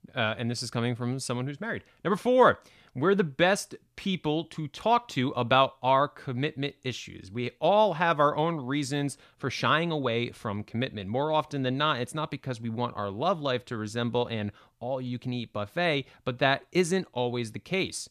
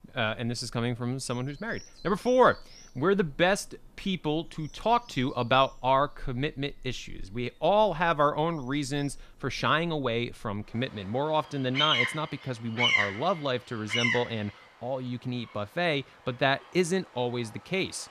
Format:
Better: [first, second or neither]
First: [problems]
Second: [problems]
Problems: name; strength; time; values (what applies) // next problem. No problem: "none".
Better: first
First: none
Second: animal sounds; very loud; throughout; 1 dB above the speech